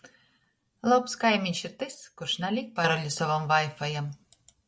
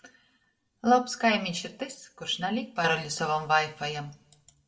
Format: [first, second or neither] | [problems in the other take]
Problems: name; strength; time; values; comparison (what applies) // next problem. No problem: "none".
first | room echo; dies away in 0.4 s